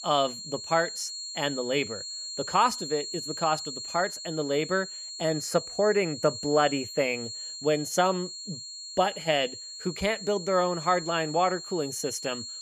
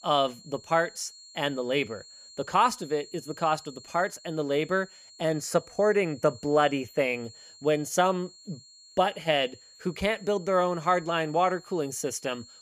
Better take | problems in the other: second | high-pitched whine; loud; throughout; 4.5 kHz, 8 dB below the speech; faint in the second

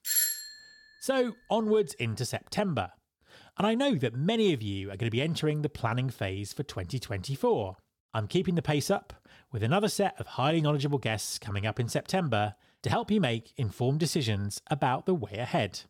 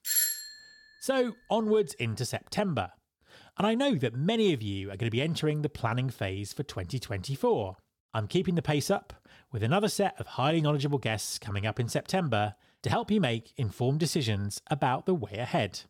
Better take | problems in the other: neither | doorbell; loud; at the start; peak 4 dB above the speech; the same in both

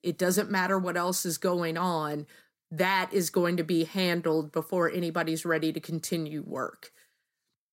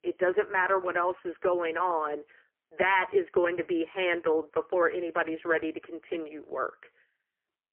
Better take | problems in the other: first | phone-call audio; poor line; nothing above 3 kHz

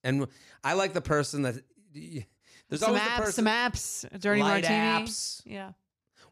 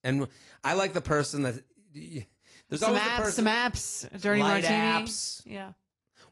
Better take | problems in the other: first | garbled, watery; slightly; nothing above 11 kHz

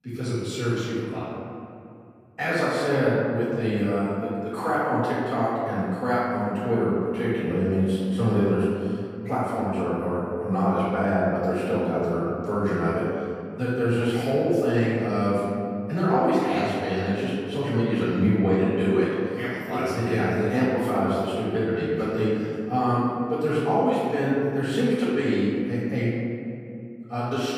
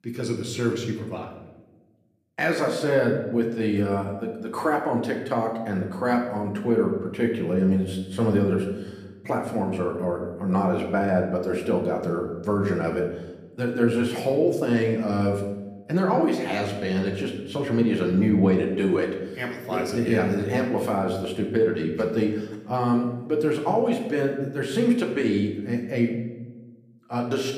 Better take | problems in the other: second | room echo; strong; dies away in 2.3 s; slight in the second // off-mic speech; far; somewhat distant in the second

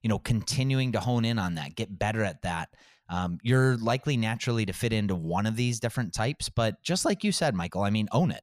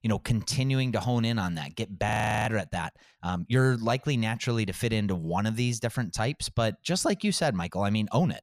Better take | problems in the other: first | audio freezing; at 2 s

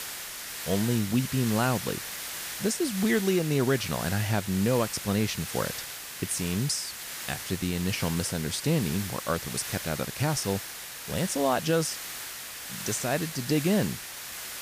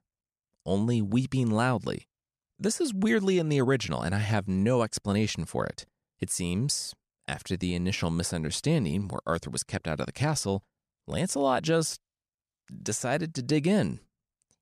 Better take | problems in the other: second | hiss; loud; throughout; 7 dB below the speech

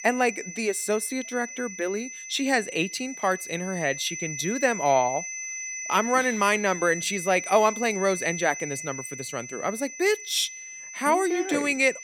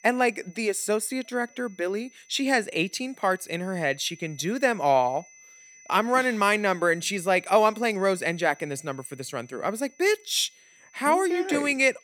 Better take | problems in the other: second | high-pitched whine; loud; throughout; 6 kHz, 9 dB below the speech; faint in the second

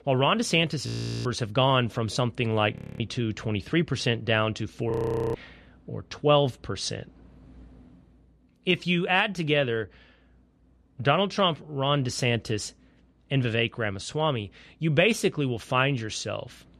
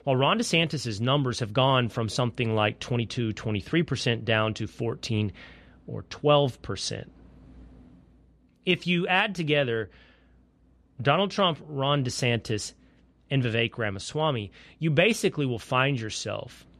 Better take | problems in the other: second | audio freezing; at 1 s, at 3 s and at 5 s

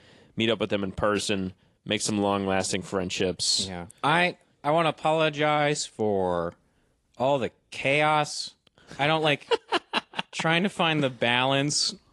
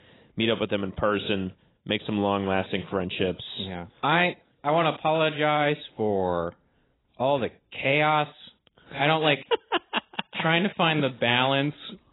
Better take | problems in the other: first | garbled, watery; badly; nothing above 4 kHz; slightly in the first

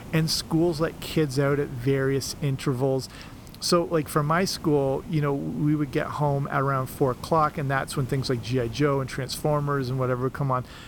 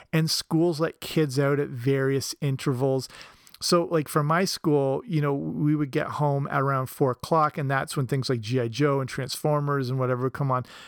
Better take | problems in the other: second | hiss; noticeable; throughout; 20 dB below the speech

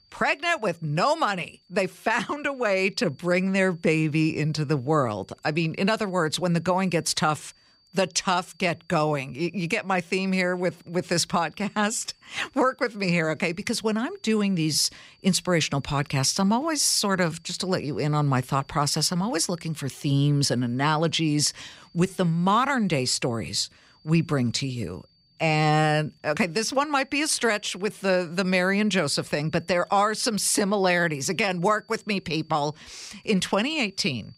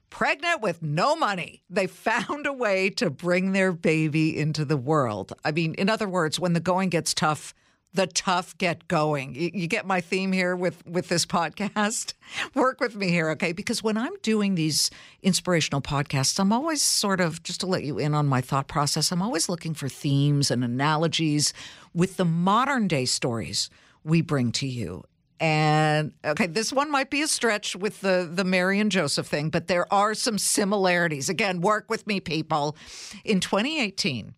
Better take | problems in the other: second | high-pitched whine; faint; throughout; 4.5 kHz, 35 dB below the speech

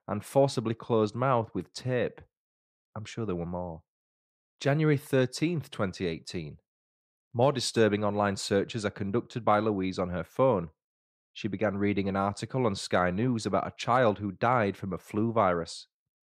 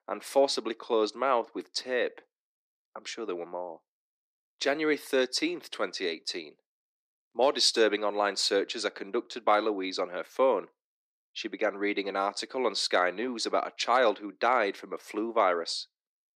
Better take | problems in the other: first | thin; somewhat; fading below 300 Hz

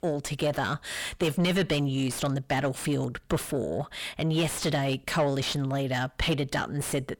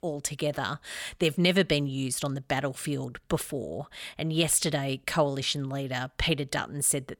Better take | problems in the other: second | distortion; heavy; 5 dB below the speech

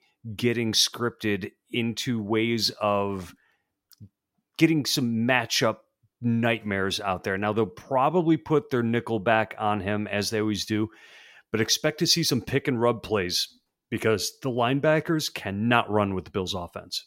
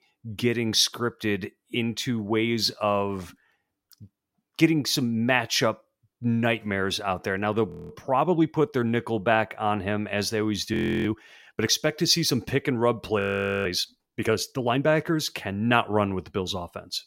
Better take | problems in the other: first | audio freezing; at 7.5 s, at 11 s and at 13 s

